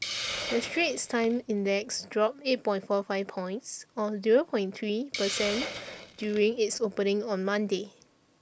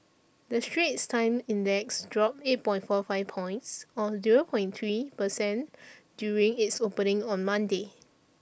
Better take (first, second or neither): second